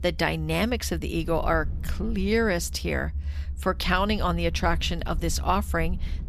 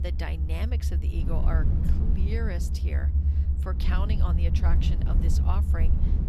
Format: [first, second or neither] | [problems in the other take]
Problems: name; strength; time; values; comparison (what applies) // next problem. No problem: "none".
first | low rumble; loud; throughout; 3 dB below the speech; faint in the first